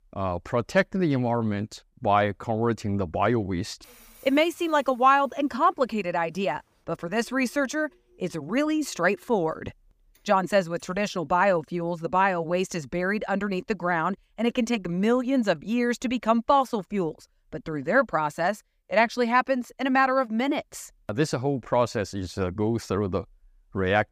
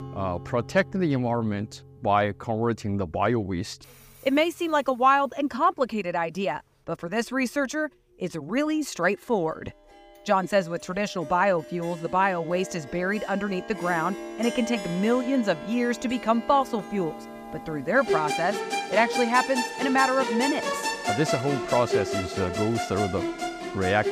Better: first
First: none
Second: background music; loud; throughout; 6 dB below the speech

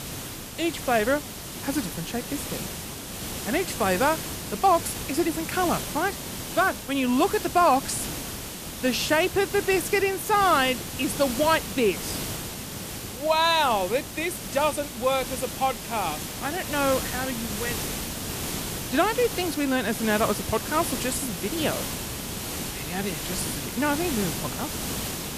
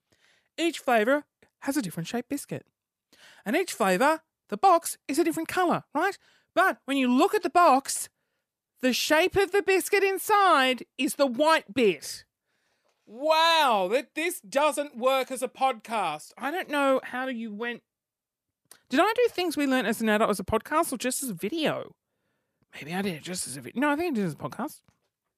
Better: second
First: hiss; loud; throughout; 6 dB below the speech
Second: none

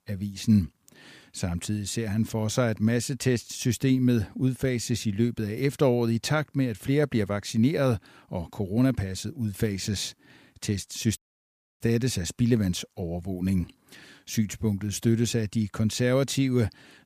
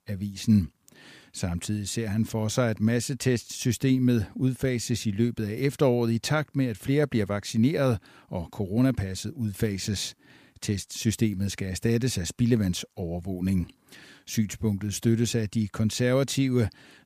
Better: second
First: audio cutting out; at 11 s for 0.5 s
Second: none

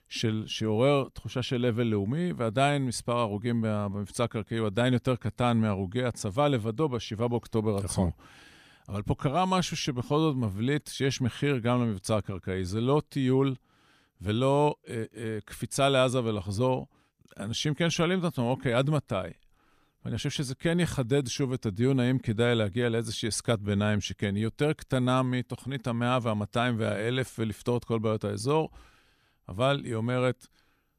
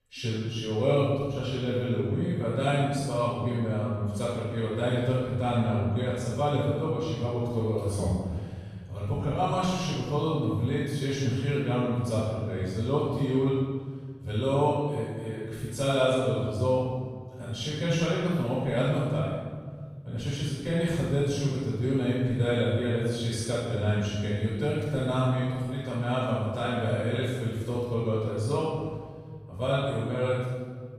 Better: first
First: none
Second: room echo; strong; dies away in 1.5 s // off-mic speech; far

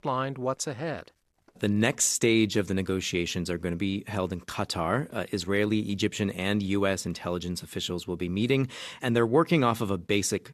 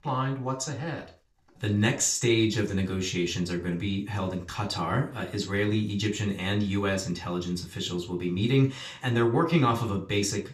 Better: first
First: none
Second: room echo; slight; dies away in 0.3 s // off-mic speech; somewhat distant

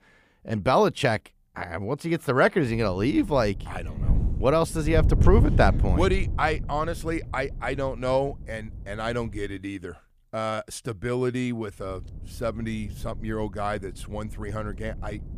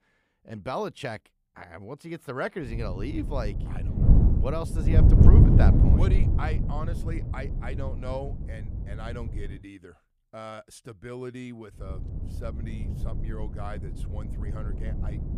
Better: first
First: wind noise on the microphone; occasional gusts; from 2.5 to 9.5 s and from 12 s on; 15 dB below the speech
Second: wind noise on the microphone; heavy; from 2.5 to 9.5 s and from 12 s on; as loud as the speech

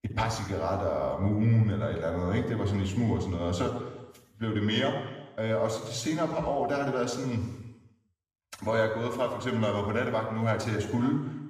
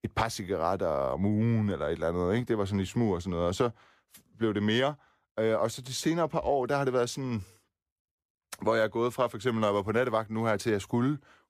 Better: second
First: room echo; noticeable; dies away in 1.1 s // off-mic speech; somewhat distant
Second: none

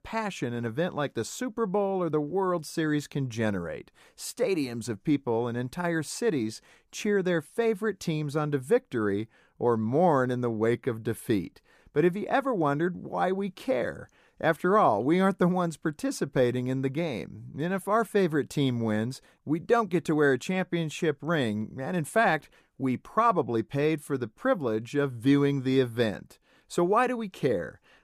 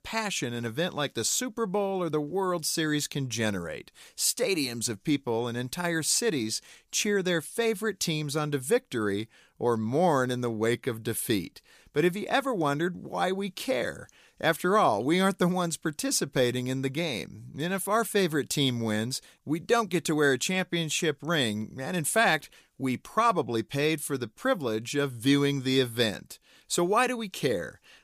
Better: second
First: muffled; slightly; fading above 2.5 kHz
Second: none

